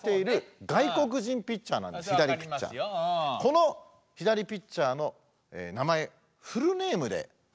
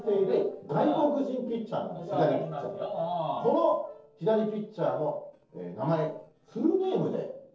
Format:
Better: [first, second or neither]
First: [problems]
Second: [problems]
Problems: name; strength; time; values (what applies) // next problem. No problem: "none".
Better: first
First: none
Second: noise reduction (neural separator model SepFormer DNS4)